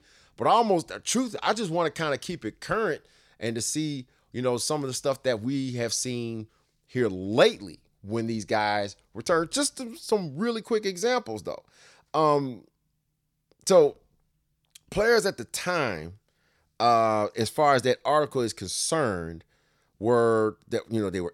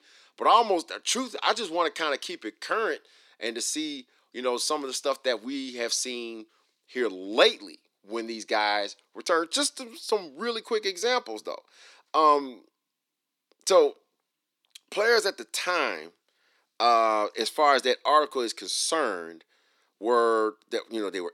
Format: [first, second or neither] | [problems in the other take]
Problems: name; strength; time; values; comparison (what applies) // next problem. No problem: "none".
first | thin; somewhat; fading below 250 Hz